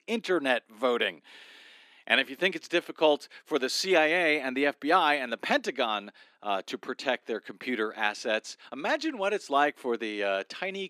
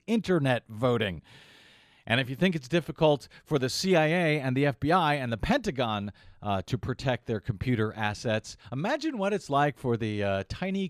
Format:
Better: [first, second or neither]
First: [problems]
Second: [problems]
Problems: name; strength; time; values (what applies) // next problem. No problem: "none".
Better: second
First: thin; somewhat; fading below 250 Hz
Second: none